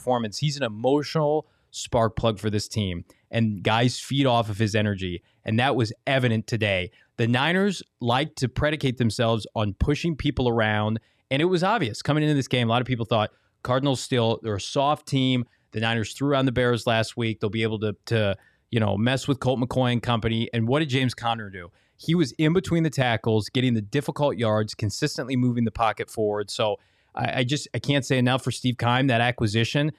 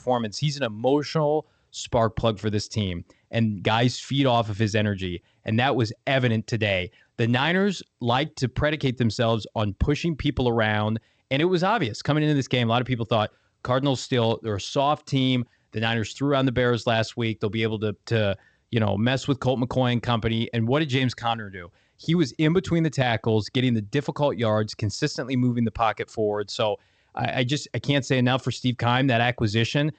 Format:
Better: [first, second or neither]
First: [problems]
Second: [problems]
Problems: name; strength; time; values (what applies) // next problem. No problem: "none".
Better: first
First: none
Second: garbled, watery; slightly; nothing above 8 kHz